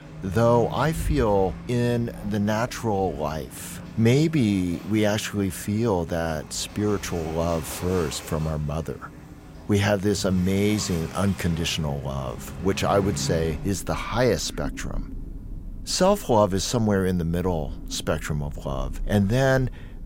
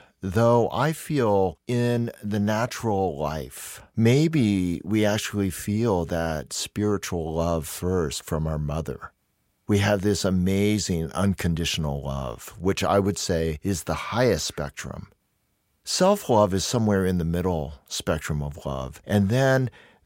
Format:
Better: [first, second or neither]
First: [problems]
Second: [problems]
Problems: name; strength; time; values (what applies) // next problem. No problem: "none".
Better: second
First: rain or running water; noticeable; throughout; 15 dB below the speech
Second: none